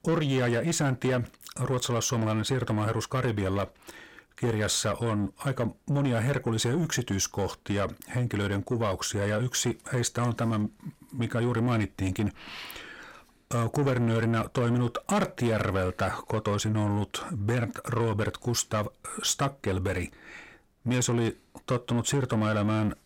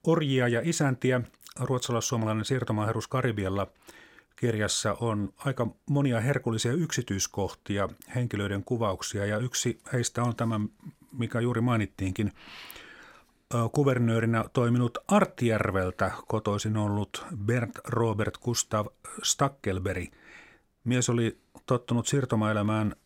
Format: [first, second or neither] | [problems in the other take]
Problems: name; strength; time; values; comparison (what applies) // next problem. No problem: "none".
second | distortion; slight; 10 dB below the speech